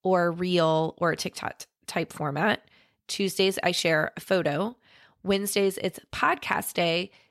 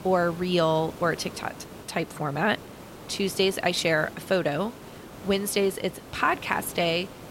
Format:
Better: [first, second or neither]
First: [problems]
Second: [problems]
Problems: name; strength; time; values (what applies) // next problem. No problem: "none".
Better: first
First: none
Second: hiss; noticeable; throughout; 15 dB below the speech